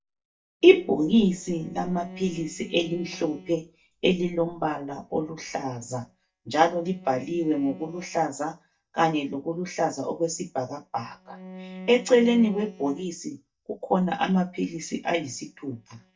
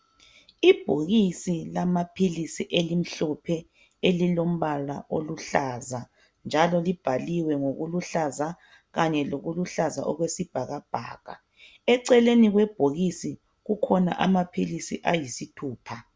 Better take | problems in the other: second | noise reduction (neural mask model DeepFilterNet 3)

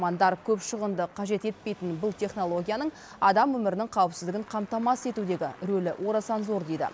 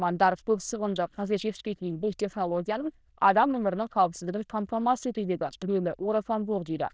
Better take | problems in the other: first | noise reduction (neural diffusion model UNIVERSE++)

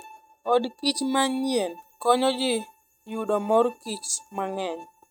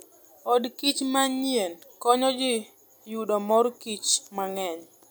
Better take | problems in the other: second | noise reduction (neural mask model RNNoise)

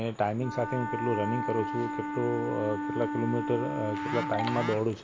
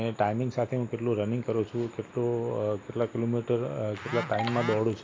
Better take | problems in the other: second | background sound (Wind instrument, woodwind instrument); 4 dB below the speech

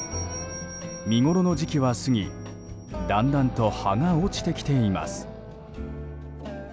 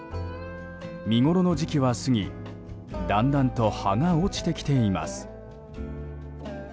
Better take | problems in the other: second | background sound (Bell + Wild animals); 16 dB below the speech

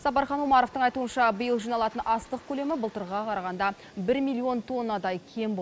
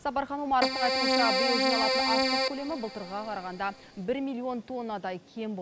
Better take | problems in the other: first | background sound (Keyboard (musical)); 4 dB above the speech

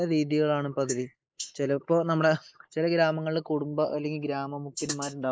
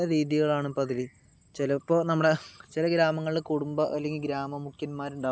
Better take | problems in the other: second | noise reduction (neural mask model Resemble Enhance denoiser)

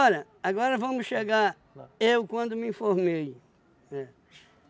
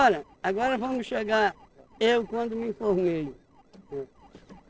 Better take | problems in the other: first | noise reduction (neural separator model SepFormer DNS4)

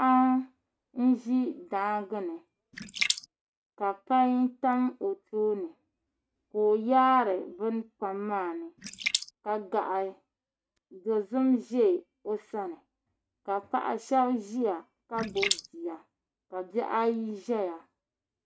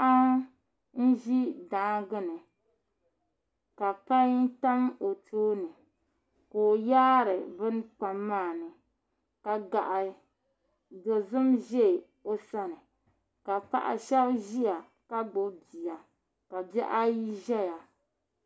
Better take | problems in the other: second | noise reduction (neural mask model RNNoise)

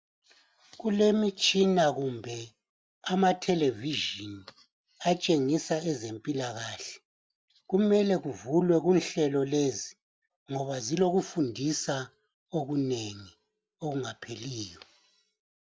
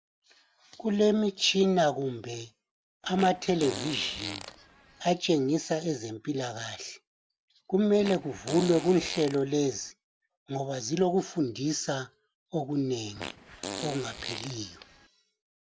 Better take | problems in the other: first | background sound (Fart); 11 dB below the speech

